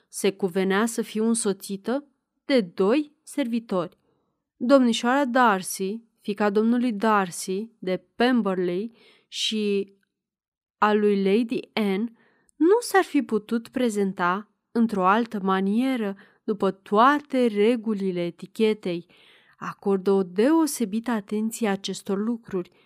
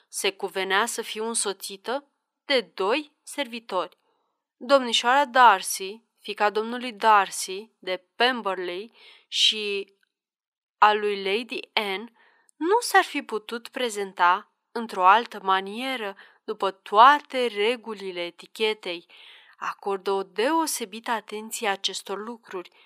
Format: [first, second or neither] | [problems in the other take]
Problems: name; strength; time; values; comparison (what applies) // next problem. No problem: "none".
first | thin; very; fading below 550 Hz